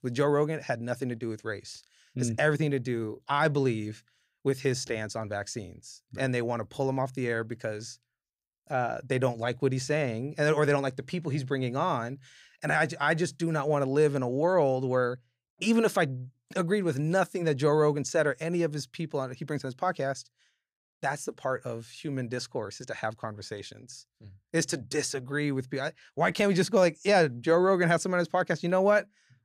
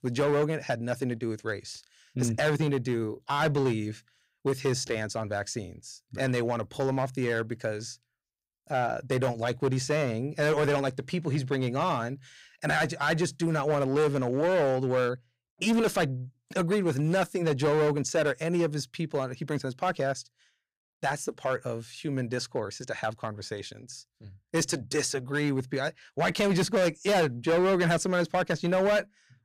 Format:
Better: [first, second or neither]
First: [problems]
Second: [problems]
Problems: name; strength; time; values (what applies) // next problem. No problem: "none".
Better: first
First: none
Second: distortion; slight; 8% of the sound clipped